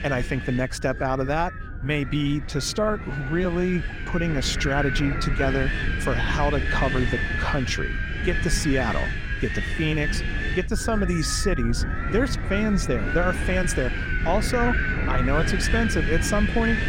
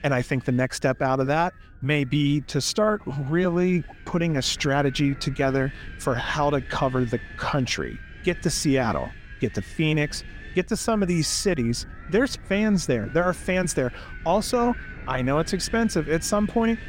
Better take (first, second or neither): second